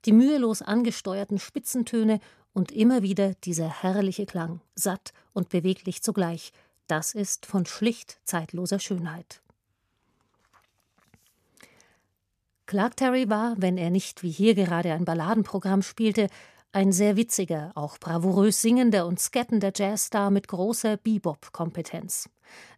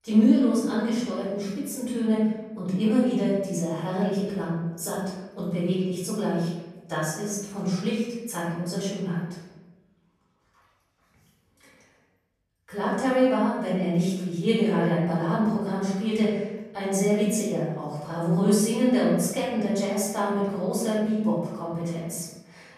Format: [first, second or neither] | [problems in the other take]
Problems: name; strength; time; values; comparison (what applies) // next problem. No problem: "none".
first | room echo; noticeable; dies away in 1 s // off-mic speech; far